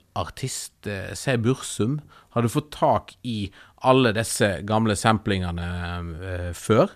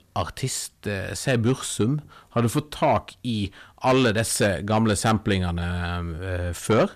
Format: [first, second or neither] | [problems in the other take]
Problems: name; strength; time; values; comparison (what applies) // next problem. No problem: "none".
first | distortion; slight; 10 dB below the speech